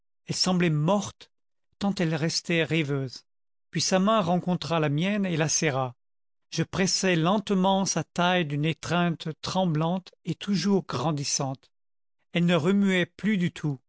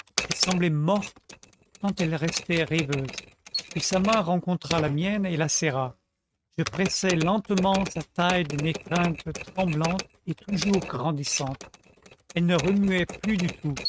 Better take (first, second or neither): first